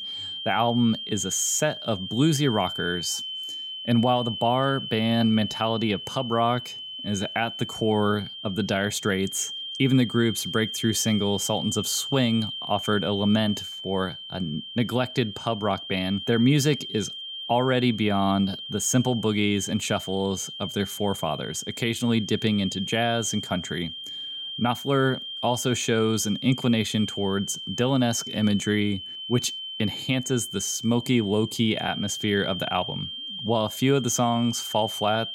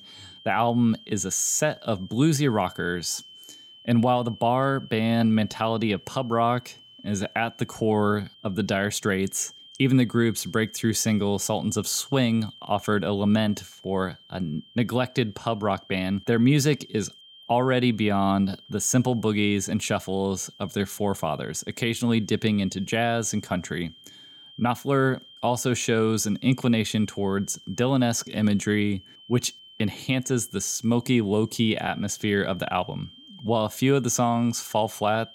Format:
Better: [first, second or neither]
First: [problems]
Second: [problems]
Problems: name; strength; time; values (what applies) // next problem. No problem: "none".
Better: second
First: high-pitched whine; loud; throughout; 3 kHz, 8 dB below the speech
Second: high-pitched whine; faint; throughout; 3 kHz, 20 dB below the speech